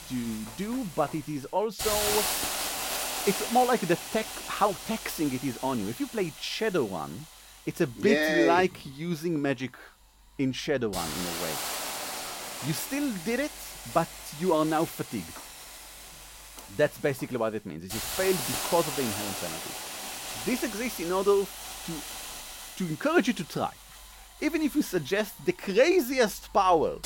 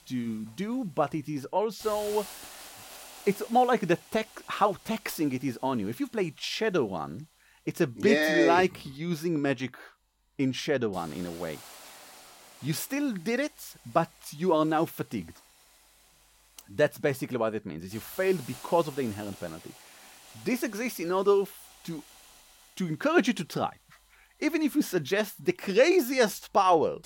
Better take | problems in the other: second | hiss; loud; throughout; 6 dB below the speech; faint in the second

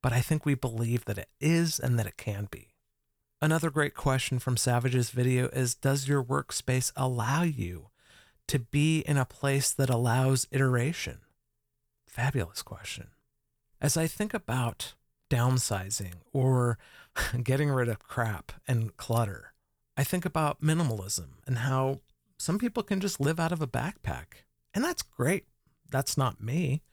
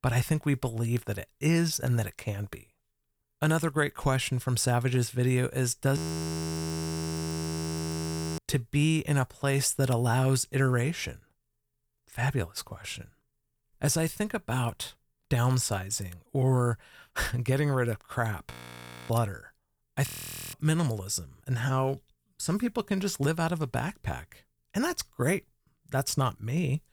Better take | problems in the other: first | audio freezing; at 6 s for 2.5 s, at 19 s for 0.5 s and at 20 s

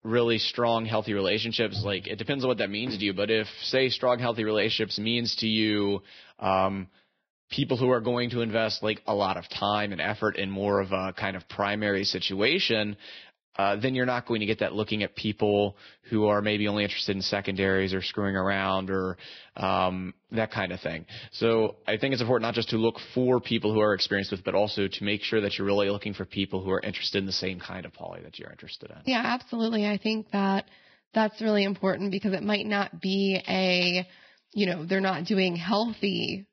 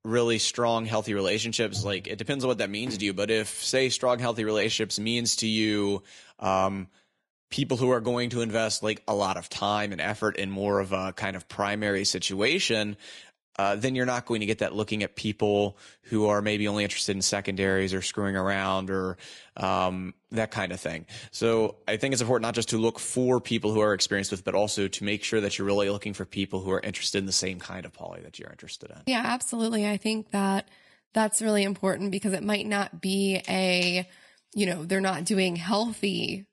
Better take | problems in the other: second | garbled, watery; badly; nothing above 5.5 kHz; slightly in the second

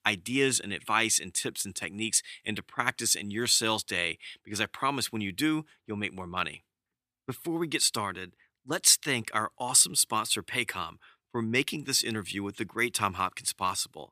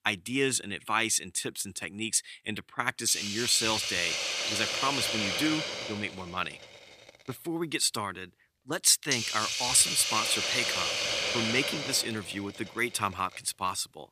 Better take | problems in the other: first | hiss; loud; from 2.5 s on; as loud as the speech

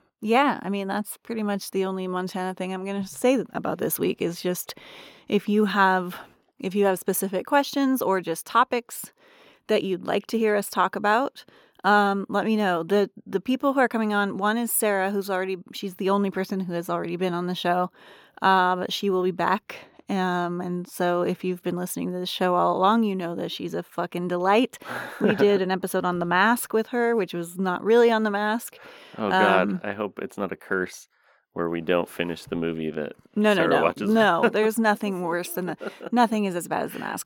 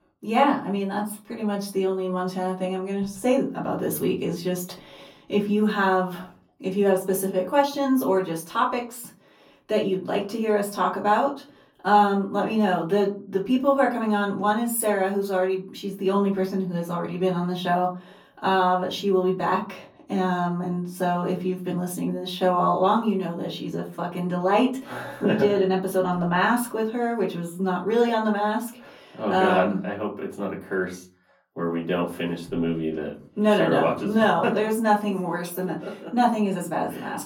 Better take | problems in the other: first | off-mic speech; far // room echo; very slight; dies away in 0.4 s

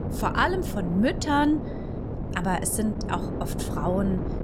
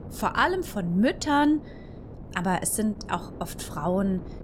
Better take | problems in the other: second | wind noise on the microphone; heavy; 10 dB below the speech; occasional gusts in the second

